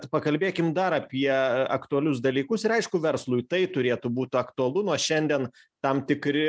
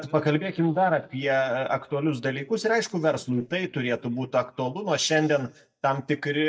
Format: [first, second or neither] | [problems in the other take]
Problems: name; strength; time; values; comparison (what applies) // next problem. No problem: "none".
first | noise reduction (neural mask model DeepFilterNet 3)